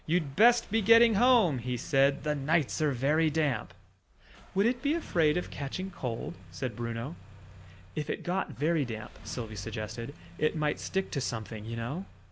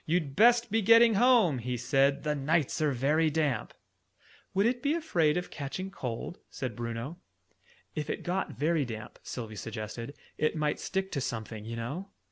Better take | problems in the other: second | background sound (Engine starting); 17 dB below the speech

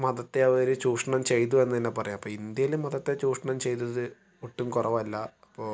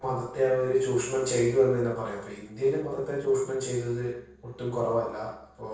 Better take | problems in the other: first | noise reduction (neural separator model SepFormer DNS4)

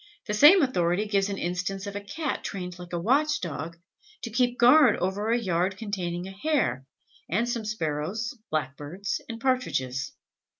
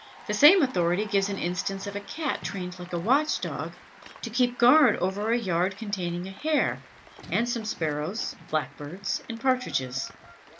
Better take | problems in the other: first | background sound (Livestock, farm animals, working animals + Applause / Cheering); 19 dB below the speech

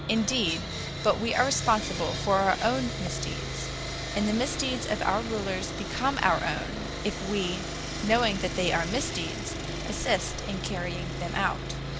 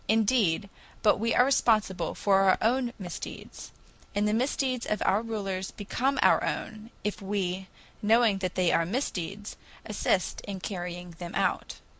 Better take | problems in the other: second | background sound (Sawing); 4 dB below the speech

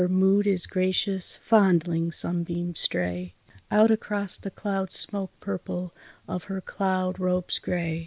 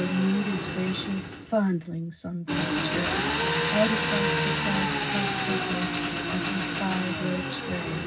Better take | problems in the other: first | background sound (Engine); 1 dB above the speech // room echo; dies away in 0.4 s

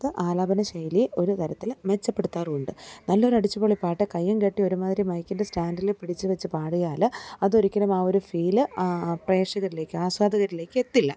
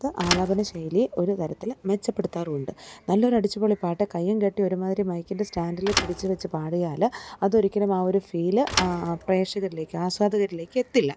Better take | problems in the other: first | background sound (Thump, thud); 10 dB below the speech

